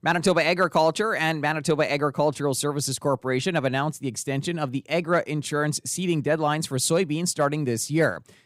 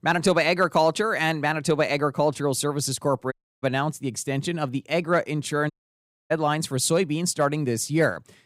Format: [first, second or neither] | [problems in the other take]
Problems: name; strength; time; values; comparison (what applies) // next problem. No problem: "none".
first | audio cutting out; at 3.5 s and at 5.5 s for 0.5 s